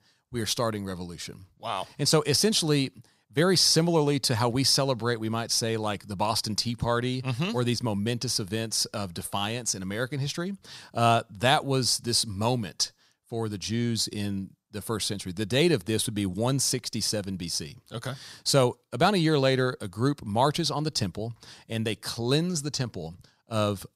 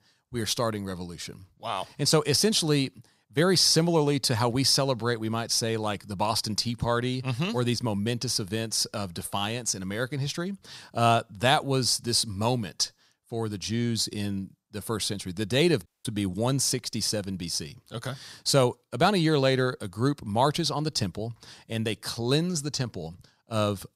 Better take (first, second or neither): first